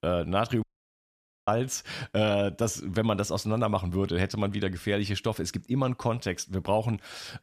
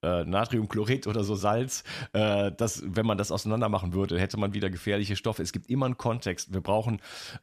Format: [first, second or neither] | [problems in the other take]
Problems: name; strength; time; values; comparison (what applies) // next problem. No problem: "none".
second | audio cutting out; at 0.5 s for 1 s